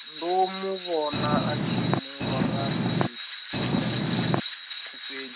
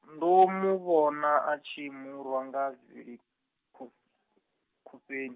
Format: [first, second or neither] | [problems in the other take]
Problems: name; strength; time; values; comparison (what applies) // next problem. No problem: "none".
second | background sound (Purr + Tools); 5 dB above the speech